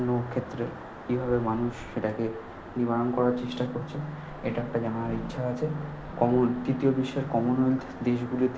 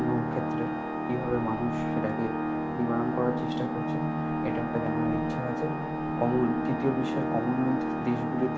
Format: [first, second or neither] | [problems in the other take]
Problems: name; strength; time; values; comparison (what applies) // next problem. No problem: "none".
first | background sound (Organ); 1 dB above the speech